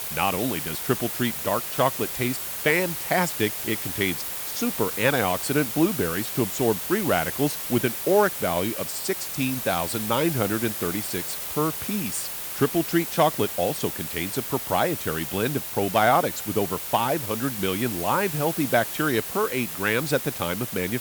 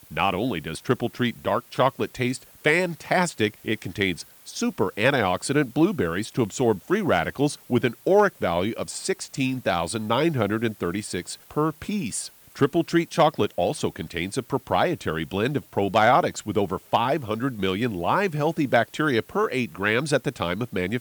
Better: second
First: hiss; loud; throughout; 4 dB below the speech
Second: hiss; faint; throughout; 25 dB below the speech

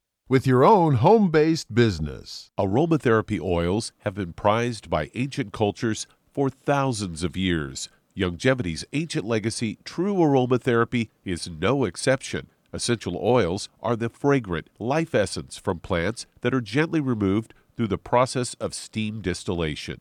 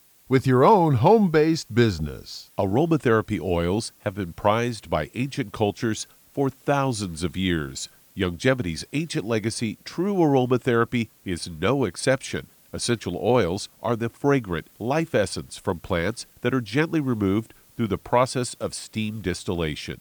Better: first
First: none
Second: hiss; faint; throughout; 30 dB below the speech

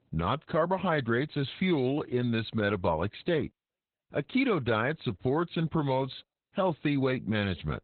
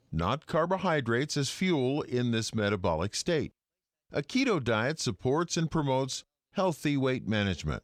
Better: second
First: garbled, watery; badly; nothing above 4 kHz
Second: none

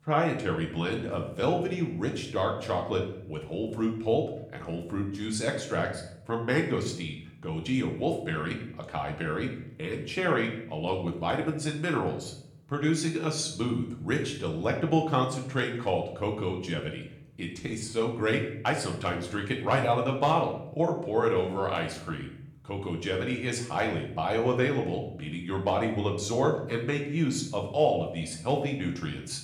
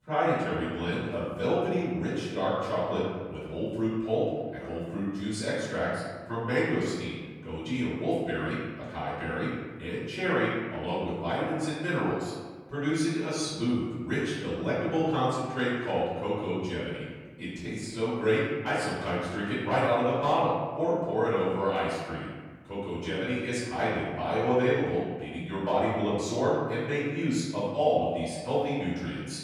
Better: first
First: room echo; slight; dies away in 0.7 s // off-mic speech; somewhat distant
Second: room echo; strong; dies away in 1.3 s // off-mic speech; far

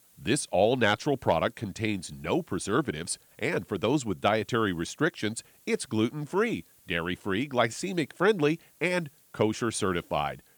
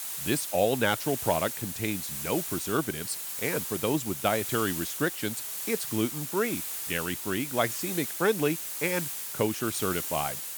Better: first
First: hiss; faint; throughout; 30 dB below the speech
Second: hiss; loud; throughout; 3 dB below the speech

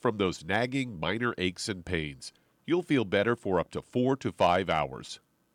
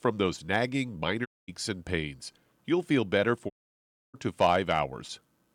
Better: first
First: none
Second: audio cutting out; at 1.5 s and at 3.5 s for 0.5 s

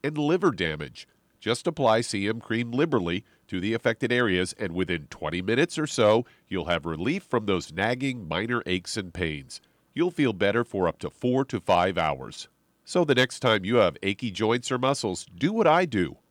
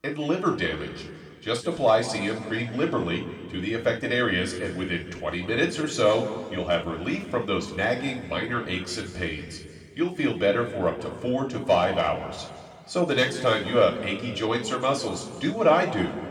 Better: first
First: none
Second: room echo; noticeable; dies away in 1.9 s // off-mic speech; somewhat distant

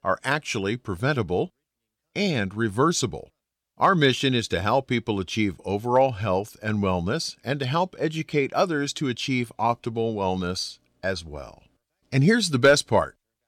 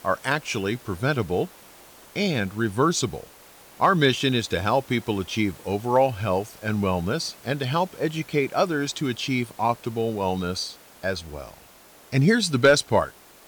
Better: first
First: none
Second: hiss; faint; throughout; 25 dB below the speech

